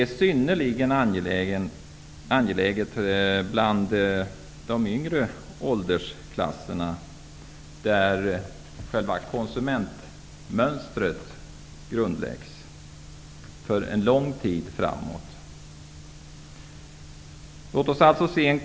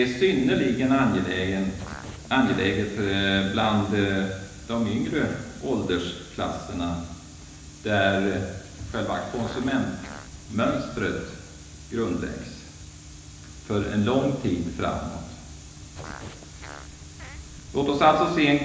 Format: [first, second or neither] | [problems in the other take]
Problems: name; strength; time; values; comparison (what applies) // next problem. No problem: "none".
first | background sound (Fart); 18 dB below the speech // room echo; dies away in 1 s